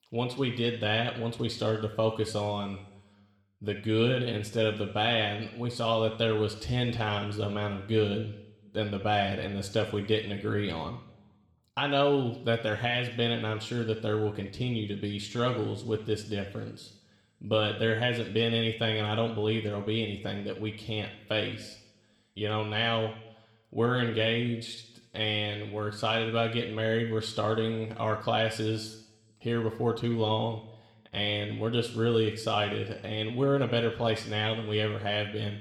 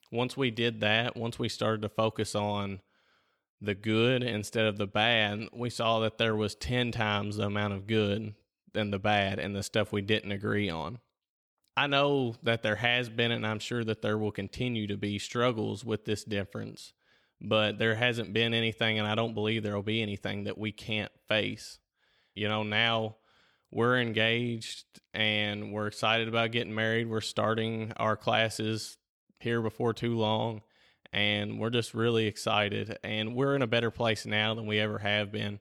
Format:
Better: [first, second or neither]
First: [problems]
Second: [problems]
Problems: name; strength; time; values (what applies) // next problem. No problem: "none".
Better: second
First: room echo; slight; dies away in 0.8 s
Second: none